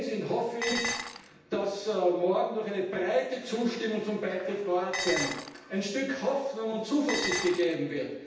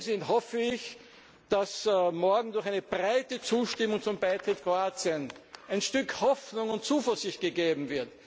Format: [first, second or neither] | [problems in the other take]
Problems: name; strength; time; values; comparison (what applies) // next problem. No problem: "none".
second | background sound (Dishes, pots, and pans); 5 dB below the speech // room echo; dies away in 0.9 s